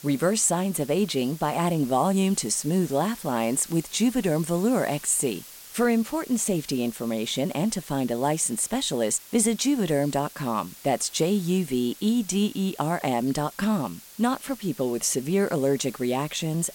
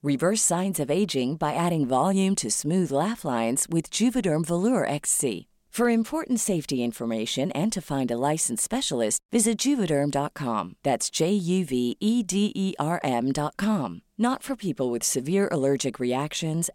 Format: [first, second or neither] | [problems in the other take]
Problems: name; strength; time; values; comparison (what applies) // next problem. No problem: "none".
second | hiss; noticeable; throughout; 20 dB below the speech